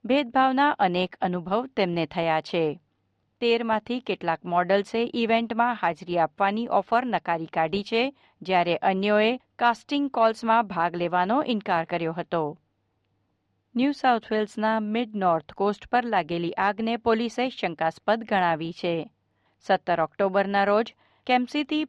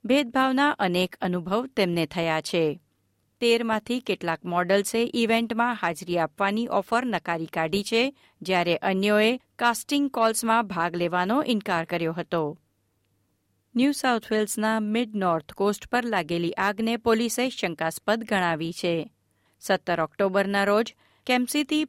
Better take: second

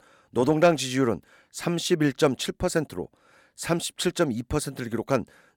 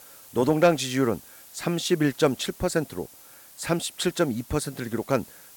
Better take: first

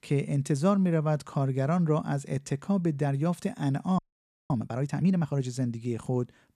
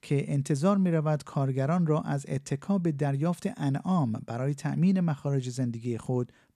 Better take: second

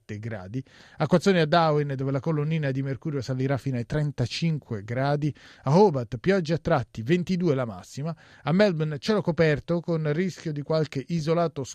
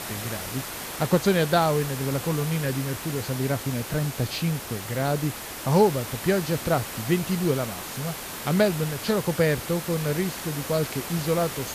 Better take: first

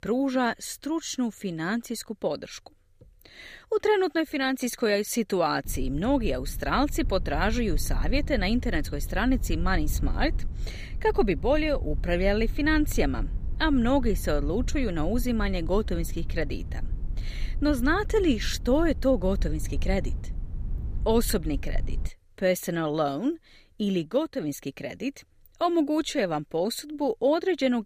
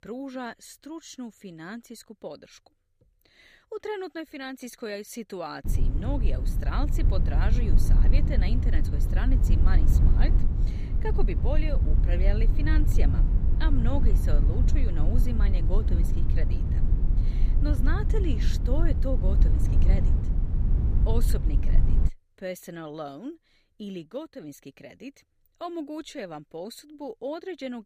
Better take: first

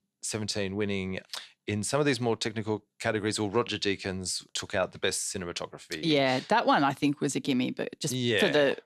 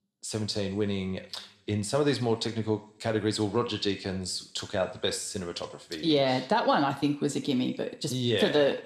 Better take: first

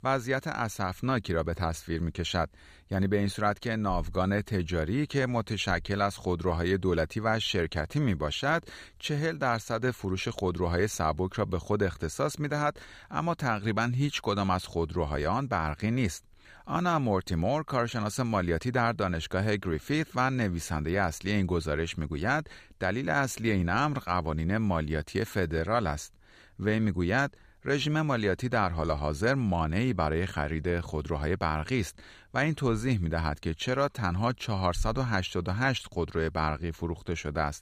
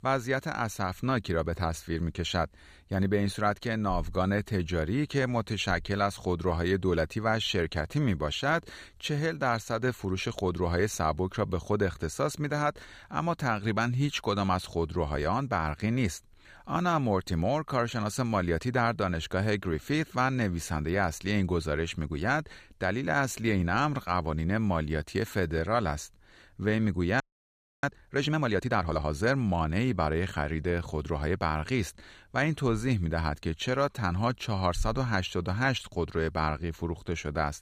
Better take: first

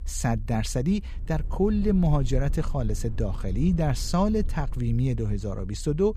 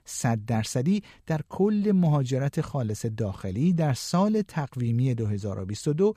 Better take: second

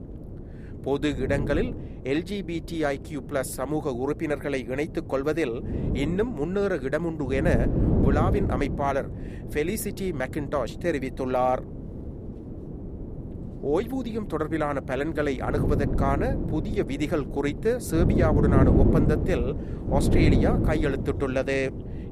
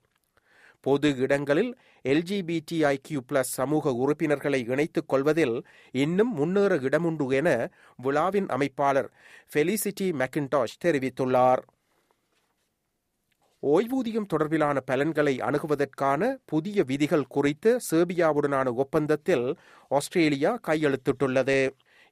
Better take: second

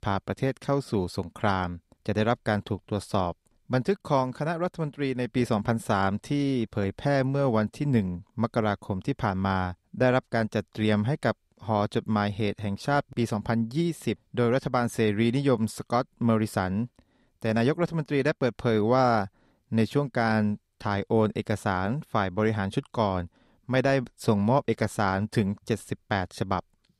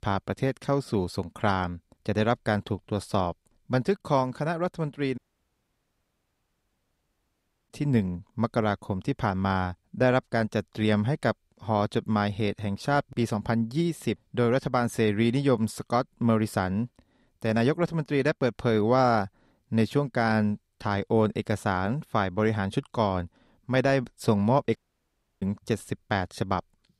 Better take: first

